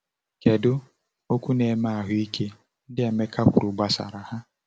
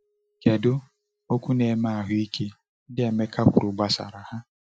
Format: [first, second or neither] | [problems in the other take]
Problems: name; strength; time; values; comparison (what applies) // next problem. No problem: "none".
first | noise reduction (classical method Wiener filter)